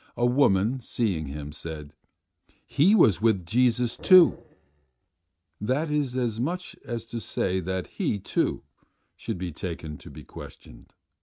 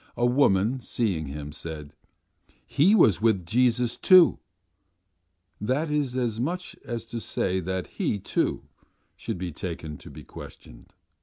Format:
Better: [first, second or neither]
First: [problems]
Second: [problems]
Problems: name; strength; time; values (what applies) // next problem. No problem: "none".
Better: second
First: noise reduction (neural mask model RNNoise)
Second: none